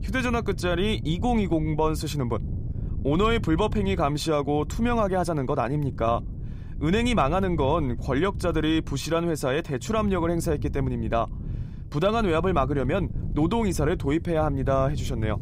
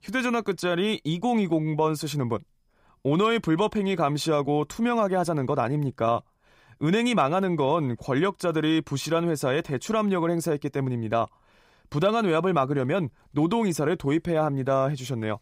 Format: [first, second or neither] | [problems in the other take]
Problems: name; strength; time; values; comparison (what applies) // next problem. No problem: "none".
second | wind noise on the microphone; occasional gusts; 20 dB below the speech